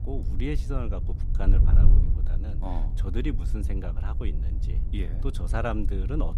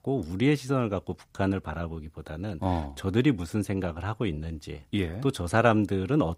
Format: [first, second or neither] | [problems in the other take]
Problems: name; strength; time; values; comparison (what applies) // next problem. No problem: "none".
second | wind noise on the microphone; heavy; 8 dB below the speech